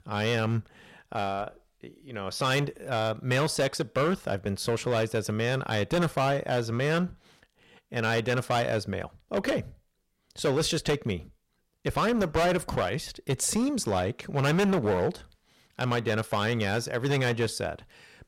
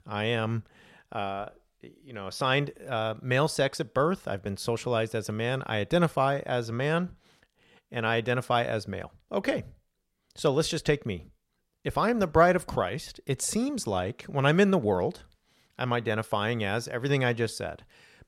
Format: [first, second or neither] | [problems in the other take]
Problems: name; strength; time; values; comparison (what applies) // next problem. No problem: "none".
second | distortion; heavy; 9% of the sound clipped